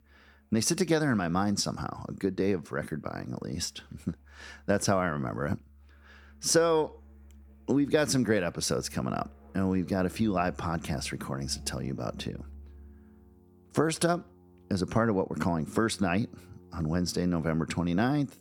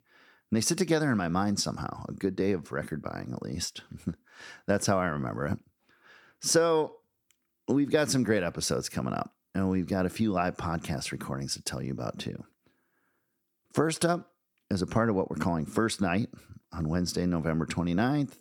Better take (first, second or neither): second